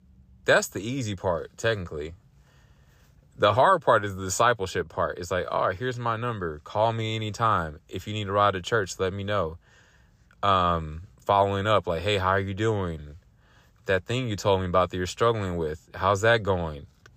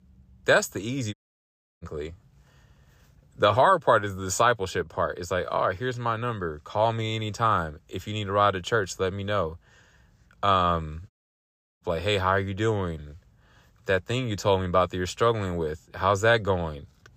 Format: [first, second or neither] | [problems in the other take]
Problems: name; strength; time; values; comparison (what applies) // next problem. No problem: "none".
first | audio cutting out; at 1 s for 0.5 s and at 11 s for 0.5 s